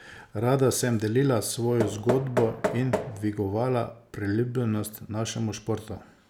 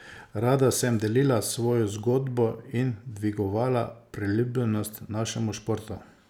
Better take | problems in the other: second | background sound (Knock); 7 dB below the speech

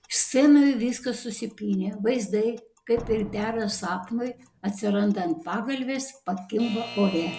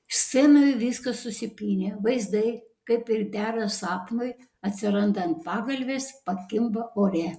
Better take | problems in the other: second | background sound (Slam + Alarm / Clock); 19 dB below the speech

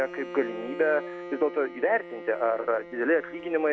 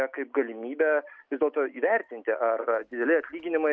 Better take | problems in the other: second | background sound (Bowed string instrument); 12 dB below the speech

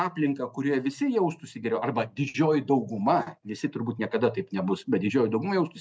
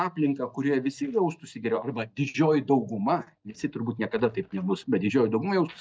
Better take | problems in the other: first | noise reduction (neural mask model DeepFilterNet 3)

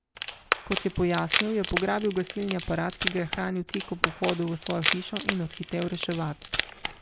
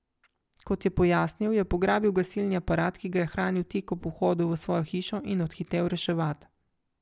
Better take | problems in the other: second | background sound (Wood); 3 dB below the speech

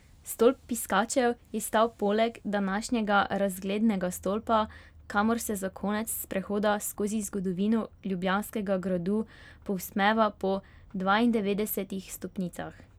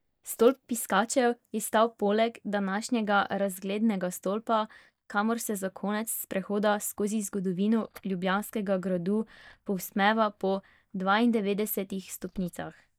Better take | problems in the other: first | noise reduction (neural mask model DeepFilterNet 3)

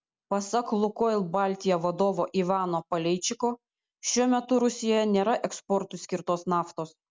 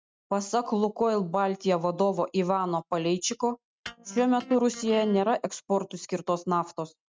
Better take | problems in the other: first | noise reduction (neural mask model RNNoise)

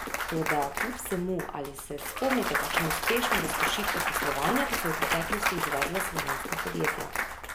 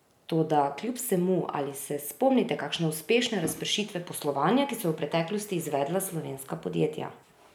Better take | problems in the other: second | background sound (Applause / Cheering / Clapping); 2 dB above the speech

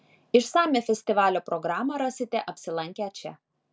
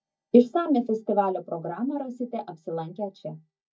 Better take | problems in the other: first | noise reduction (neural mask model DeepFilterNet 3)

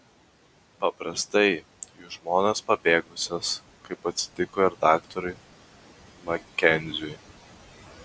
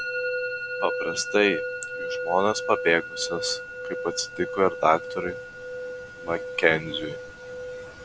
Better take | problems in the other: first | background sound (Musical instrument); 5 dB below the speech

